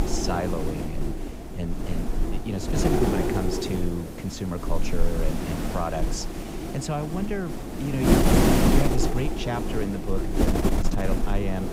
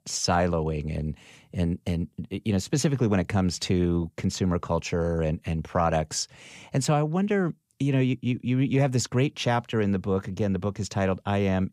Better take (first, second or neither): second